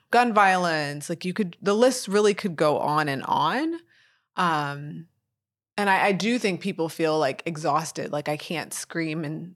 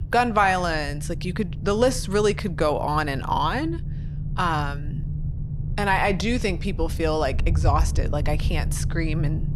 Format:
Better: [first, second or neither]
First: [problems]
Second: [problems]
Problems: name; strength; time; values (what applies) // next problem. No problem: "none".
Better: first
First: none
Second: low rumble; noticeable; throughout; 20 dB below the speech